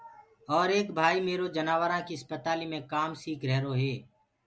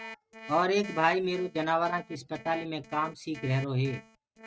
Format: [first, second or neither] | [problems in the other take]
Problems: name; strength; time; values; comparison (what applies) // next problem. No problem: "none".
first | noise reduction (neural mask model RNNoise)